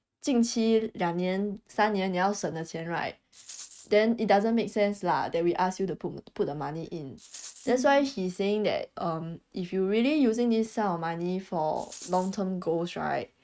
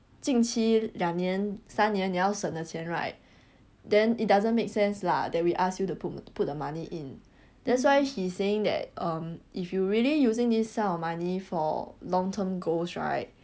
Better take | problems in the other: second | noise reduction (neural mask model RNNoise)

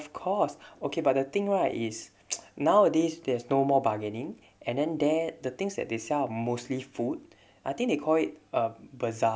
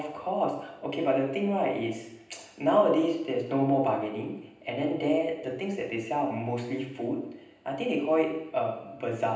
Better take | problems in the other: first | room echo; dies away in 0.9 s

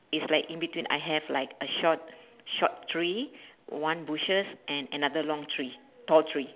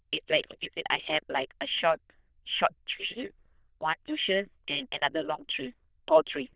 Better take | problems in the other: first | noise reduction (neural diffusion model UNIVERSE++)

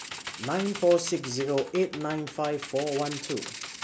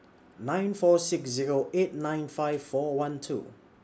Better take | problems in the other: second | background sound (Computer keyboard + Rattle (instrument)); 11 dB below the speech

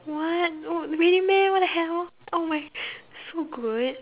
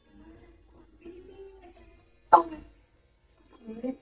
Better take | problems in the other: first | noise reduction (neural mask model DeepFilterNet 3)

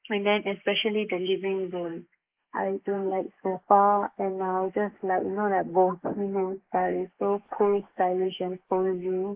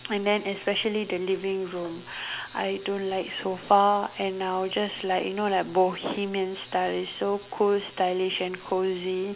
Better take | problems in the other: second | noise reduction (neural mask model Resemble Enhance denoiser)

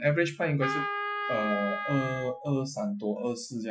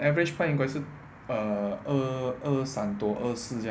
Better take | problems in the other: second | noise reduction (classical method Wiener filter)

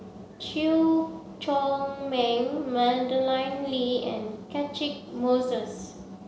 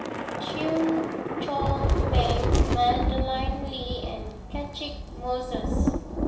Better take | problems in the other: first | background sound (Thunder / Rain); 3 dB above the speech // room echo; dies away in 0.2 s

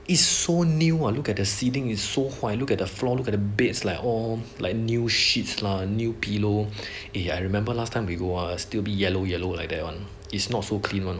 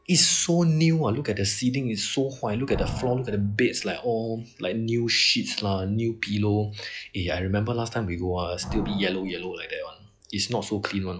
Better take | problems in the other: first | noise reduction (classical method log-MMSE)

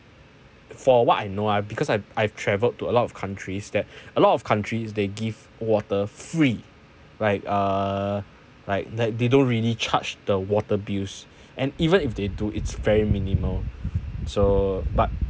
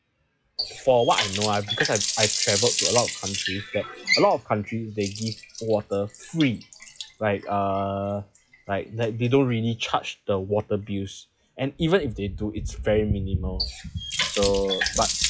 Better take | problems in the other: first | noise reduction (classical method log-MMSE)

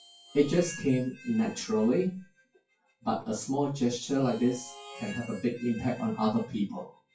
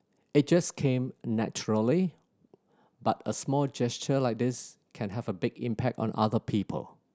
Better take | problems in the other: second | noise reduction (classical method WPE with log-MMSE)

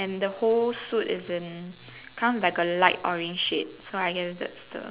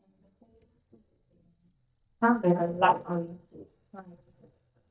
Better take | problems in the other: first | noise reduction (neural mask model DeepFilterNet 3)

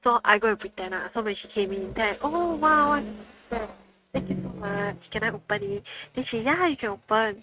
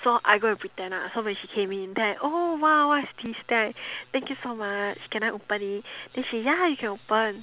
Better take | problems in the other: second | noise reduction (neural mask model RNNoise)

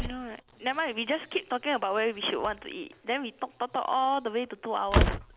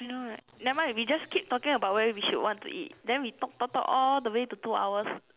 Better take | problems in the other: second | background sound (Slam); 4 dB below the speech

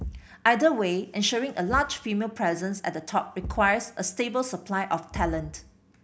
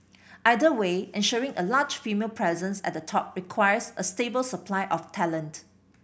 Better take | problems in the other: second | background sound (Thump, thud); 14 dB below the speech

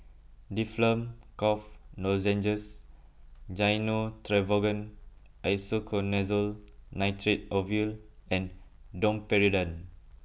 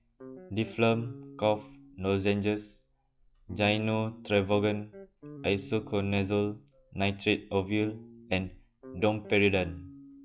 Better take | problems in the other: first | noise reduction (classical method log-MMSE)

